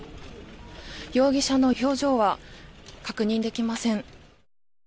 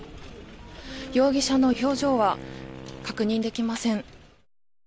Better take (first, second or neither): first